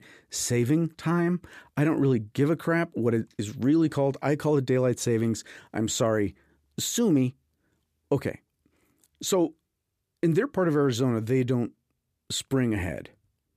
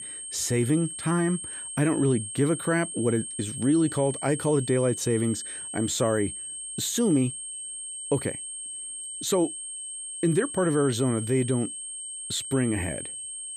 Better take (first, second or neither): first